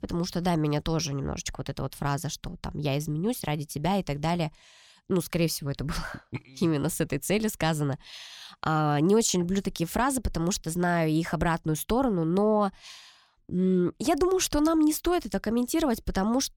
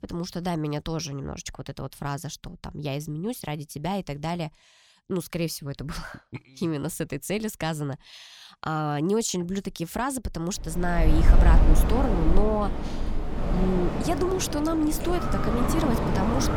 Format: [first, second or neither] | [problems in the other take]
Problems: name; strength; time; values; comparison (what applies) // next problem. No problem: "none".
first | wind in the background; very loud; from 11 s on; 3 dB above the speech